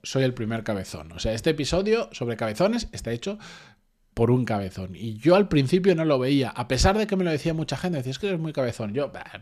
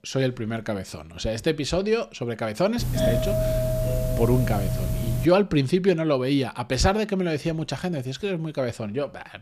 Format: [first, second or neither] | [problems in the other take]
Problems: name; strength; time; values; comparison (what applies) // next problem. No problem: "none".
first | doorbell; loud; from 3 to 5.5 s; peak 2 dB above the speech